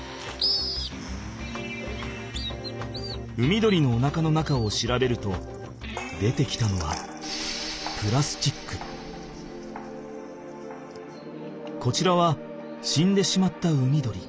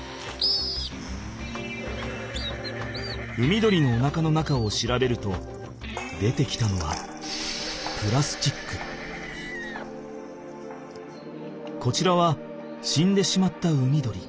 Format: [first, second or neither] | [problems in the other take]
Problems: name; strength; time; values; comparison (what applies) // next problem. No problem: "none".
first | background sound (Livestock, farm animals, working animals); 14 dB below the speech